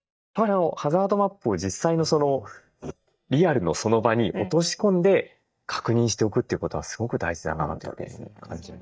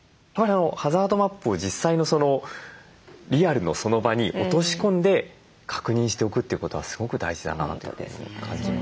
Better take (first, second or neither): second